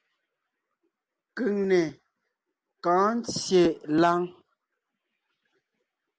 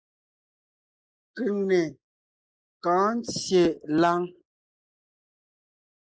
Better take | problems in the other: first | noise reduction (neural mask model Resemble Enhance denoiser)

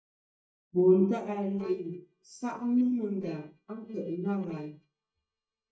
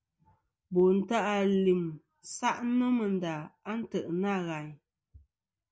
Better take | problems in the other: second | noise reduction (neural mask model DeepFilterNet 3)

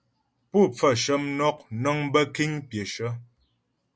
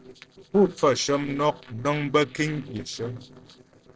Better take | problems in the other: first | noise reduction (neural separator model SepFormer DNS4)

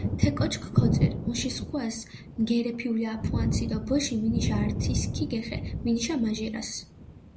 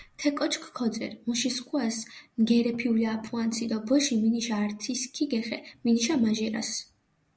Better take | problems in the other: second | background sound (Thunder); as loud as the speech

